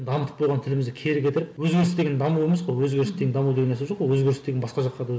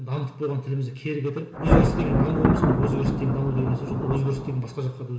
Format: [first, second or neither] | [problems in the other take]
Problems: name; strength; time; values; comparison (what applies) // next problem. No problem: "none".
first | background sound (Thunder); 2 dB above the speech // room echo; dies away in 1.1 s